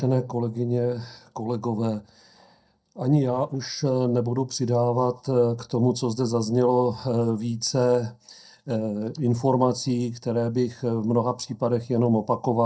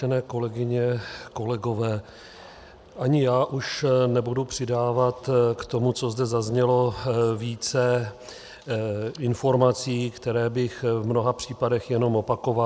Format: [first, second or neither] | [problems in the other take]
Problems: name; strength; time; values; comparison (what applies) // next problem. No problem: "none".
second | noise reduction (neural mask model DeepFilterNet 3)